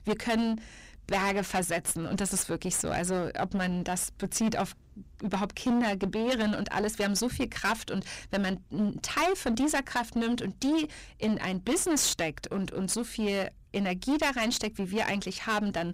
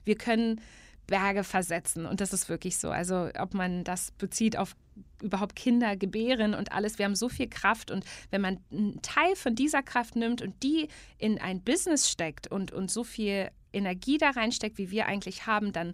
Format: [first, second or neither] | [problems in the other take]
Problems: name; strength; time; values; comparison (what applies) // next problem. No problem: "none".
second | distortion; heavy; 15% of the sound clipped